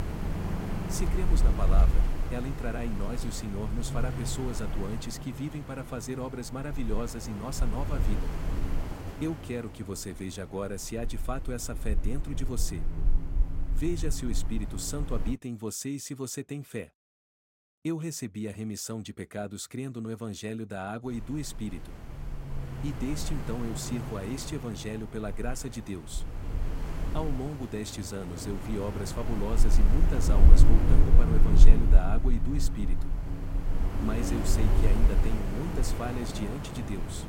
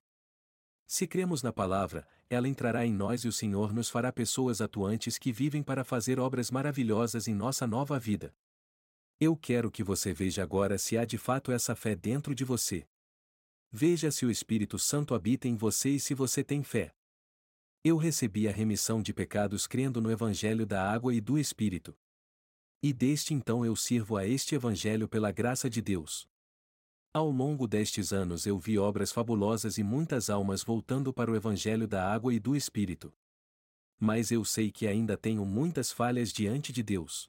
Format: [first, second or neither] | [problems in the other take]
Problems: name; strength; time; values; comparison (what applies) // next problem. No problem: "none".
second | wind noise on the microphone; heavy; until 15 s and from 21 s on; 4 dB below the speech